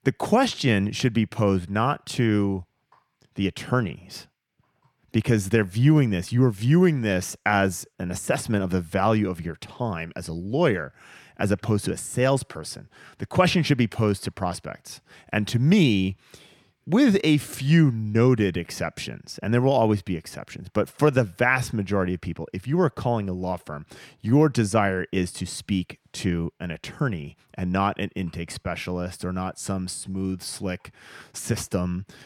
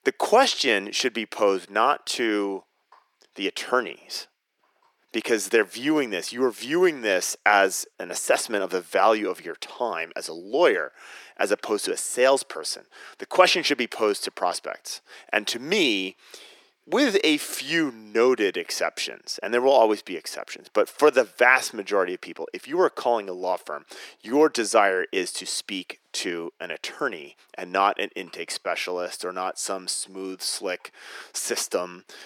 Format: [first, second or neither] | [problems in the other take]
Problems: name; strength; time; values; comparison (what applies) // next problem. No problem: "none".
first | thin; very; fading below 350 Hz